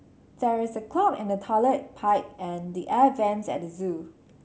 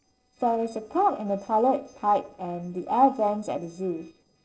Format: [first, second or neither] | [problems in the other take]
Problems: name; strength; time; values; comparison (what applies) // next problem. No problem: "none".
first | noise reduction (neural separator model SepFormer DNS4)